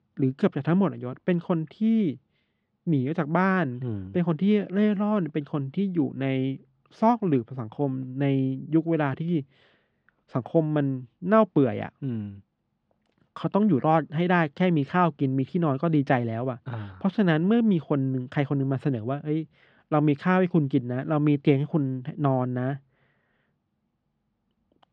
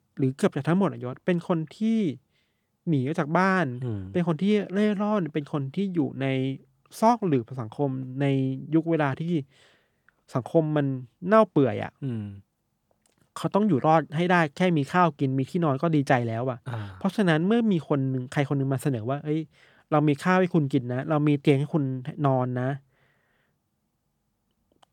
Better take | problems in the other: second | muffled; slightly; fading above 4 kHz

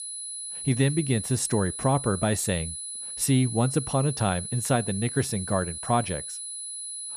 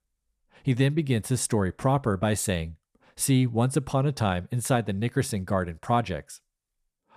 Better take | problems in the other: second | high-pitched whine; loud; throughout; 10 kHz, 7 dB below the speech

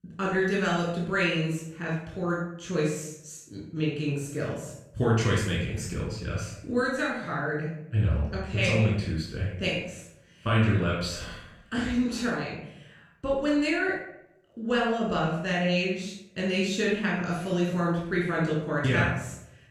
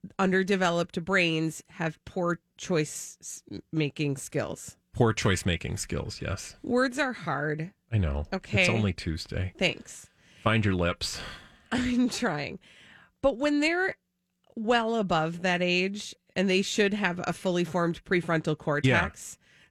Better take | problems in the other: second | off-mic speech; far // room echo; noticeable; dies away in 0.6 s

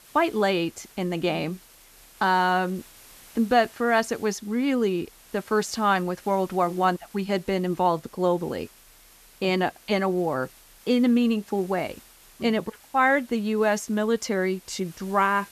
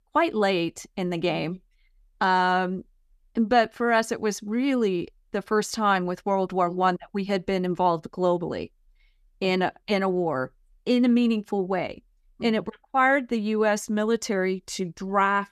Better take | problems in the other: second | hiss; faint; throughout; 25 dB below the speech

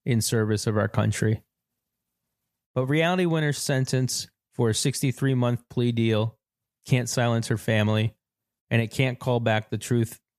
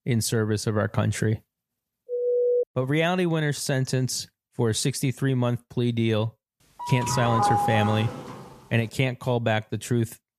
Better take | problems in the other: first | phone ringing; loud; at 2 s; peak 3 dB above the speech // doorbell; loud; from 7 to 8.5 s; peak 3 dB above the speech

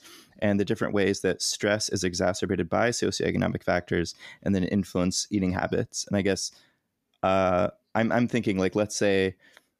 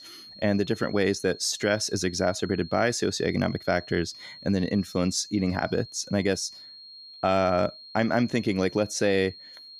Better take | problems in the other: first | high-pitched whine; noticeable; throughout; 4.5 kHz, 15 dB below the speech

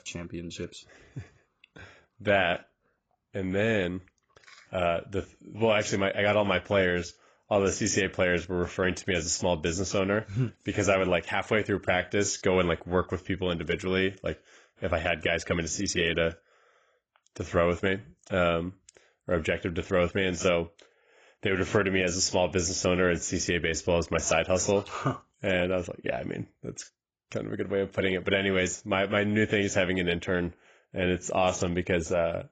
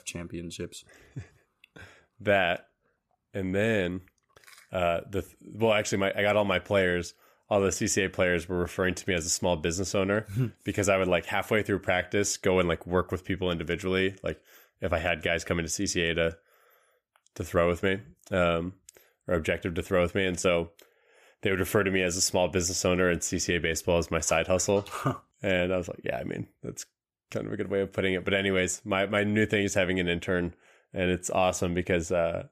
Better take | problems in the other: second | garbled, watery; badly; nothing above 7.5 kHz

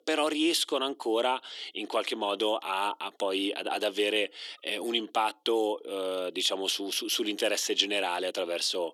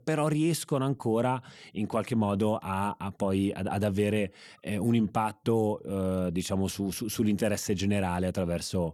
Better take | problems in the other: second | thin; very; fading below 300 Hz

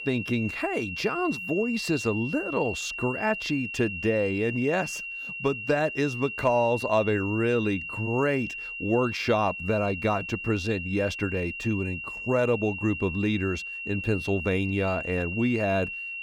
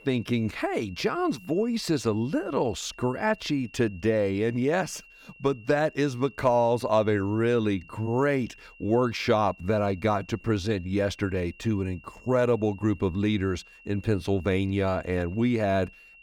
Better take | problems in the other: second | high-pitched whine; loud; throughout; 2.5 kHz, 6 dB below the speech; faint in the second

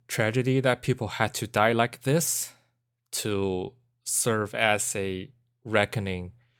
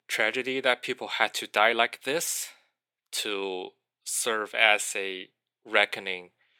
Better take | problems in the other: first | thin; somewhat; fading below 300 Hz

